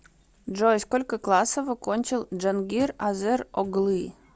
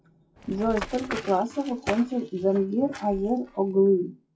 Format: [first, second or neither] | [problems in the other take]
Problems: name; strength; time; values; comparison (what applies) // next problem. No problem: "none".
first | noise reduction (classical method WPE with log-MMSE)